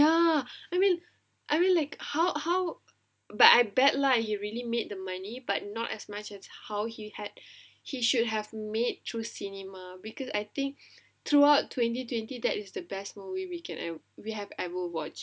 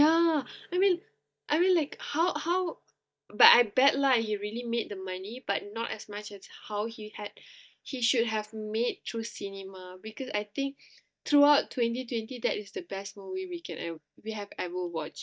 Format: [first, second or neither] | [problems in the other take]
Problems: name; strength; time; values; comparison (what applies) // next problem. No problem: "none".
first | noise reduction (neural mask model DeepFilterNet 3)